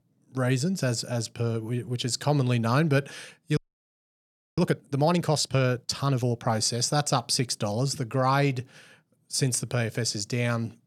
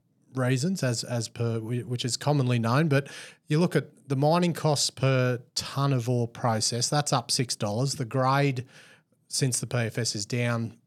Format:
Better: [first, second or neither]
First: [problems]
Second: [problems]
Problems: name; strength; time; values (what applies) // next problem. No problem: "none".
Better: second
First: audio freezing; at 3.5 s for 1 s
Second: none